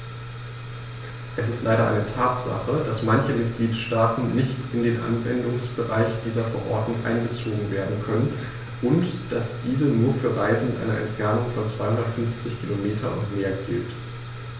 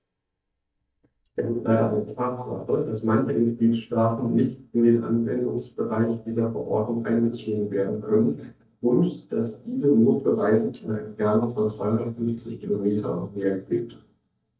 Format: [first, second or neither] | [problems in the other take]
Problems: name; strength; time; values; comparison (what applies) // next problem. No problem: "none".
first | noise reduction (neural mask model DeepFilterNet 3)